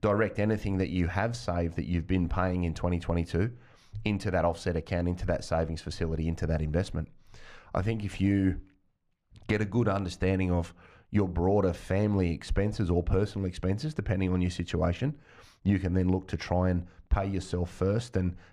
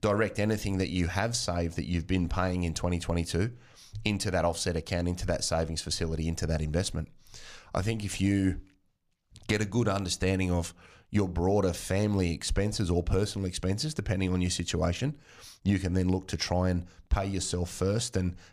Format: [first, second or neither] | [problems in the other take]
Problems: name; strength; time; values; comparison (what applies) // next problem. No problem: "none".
second | muffled; slightly; fading above 3.5 kHz